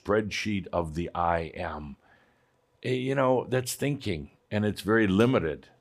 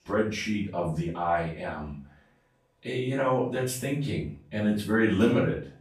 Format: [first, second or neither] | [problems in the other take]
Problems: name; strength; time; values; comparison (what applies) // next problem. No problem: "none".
first | off-mic speech; far // room echo; noticeable; dies away in 0.4 s